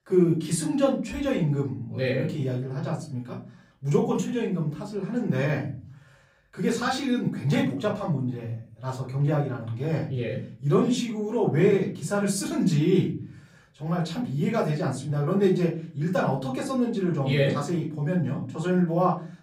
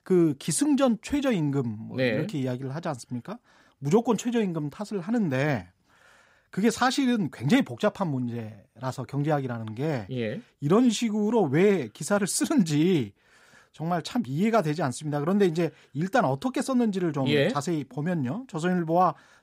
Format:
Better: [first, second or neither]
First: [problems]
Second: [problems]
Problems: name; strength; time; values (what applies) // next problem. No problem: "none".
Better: second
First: off-mic speech; far // room echo; slight; dies away in 0.6 s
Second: none